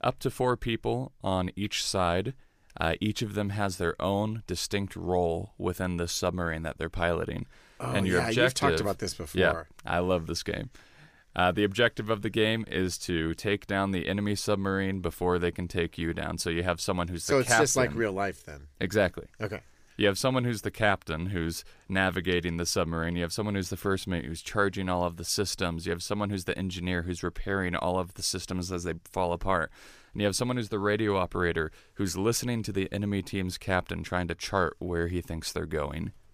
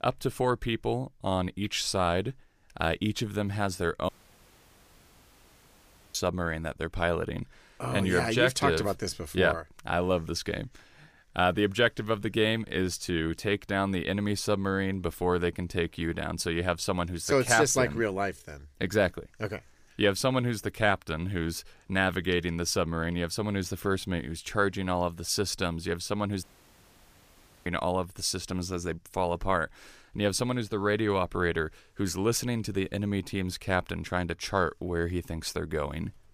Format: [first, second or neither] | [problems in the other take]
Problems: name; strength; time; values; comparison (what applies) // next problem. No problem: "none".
first | audio cutting out; at 4 s for 2 s and at 26 s for 1 s